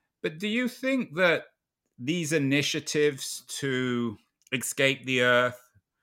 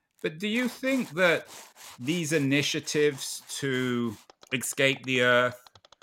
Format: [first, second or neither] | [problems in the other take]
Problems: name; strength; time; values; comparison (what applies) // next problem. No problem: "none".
first | machinery noise; faint; throughout; 20 dB below the speech